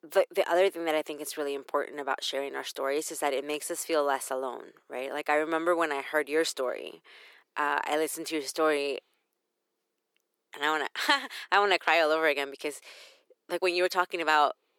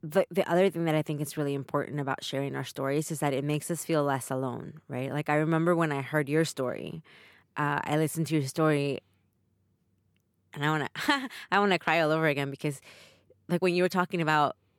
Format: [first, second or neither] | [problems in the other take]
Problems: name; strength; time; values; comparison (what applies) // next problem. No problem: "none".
second | thin; very; fading below 350 Hz